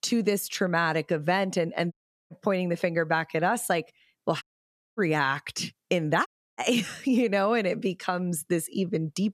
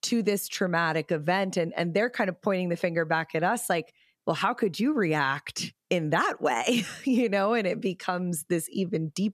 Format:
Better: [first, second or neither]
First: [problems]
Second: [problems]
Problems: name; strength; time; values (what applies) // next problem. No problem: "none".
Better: second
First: audio cutting out; at 2 s, at 4.5 s for 0.5 s and at 6.5 s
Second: none